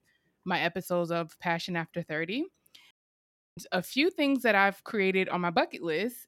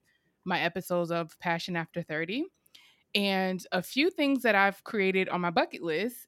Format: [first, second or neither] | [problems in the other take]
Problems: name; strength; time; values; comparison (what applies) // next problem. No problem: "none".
second | audio cutting out; at 3 s for 0.5 s